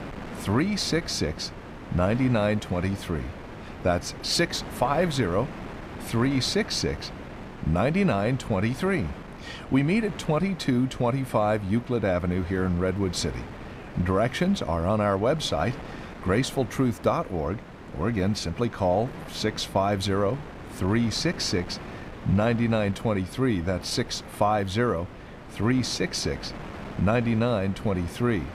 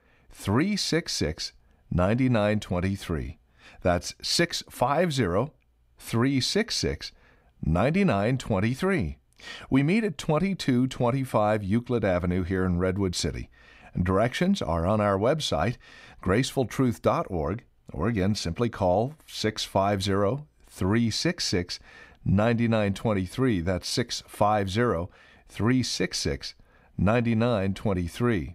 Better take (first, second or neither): second